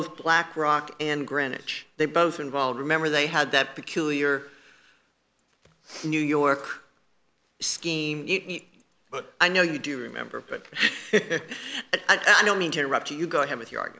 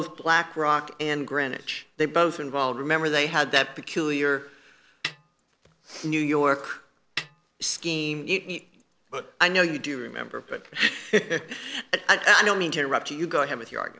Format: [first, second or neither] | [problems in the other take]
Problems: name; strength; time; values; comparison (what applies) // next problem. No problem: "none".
first | noise reduction (neural separator model SepFormer DNS4)